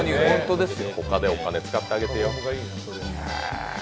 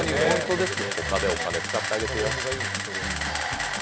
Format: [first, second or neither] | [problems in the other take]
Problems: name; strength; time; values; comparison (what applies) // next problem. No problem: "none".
first | background sound (Camera); 3 dB below the speech